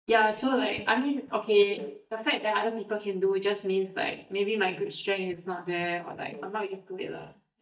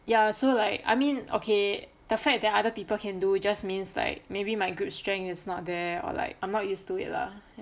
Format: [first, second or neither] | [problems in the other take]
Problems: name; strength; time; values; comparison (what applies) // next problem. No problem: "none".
second | noise reduction (neural mask model DeepFilterNet 3)